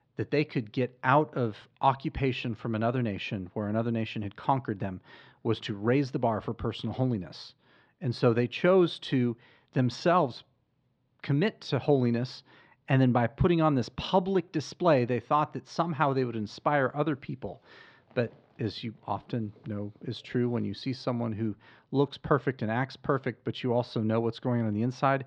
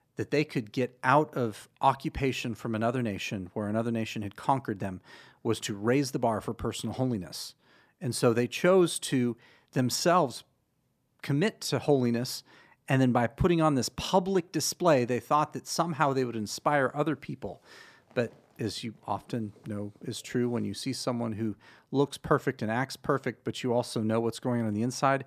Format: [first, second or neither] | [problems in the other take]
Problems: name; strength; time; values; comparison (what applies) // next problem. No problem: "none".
second | muffled; slightly; fading above 4 kHz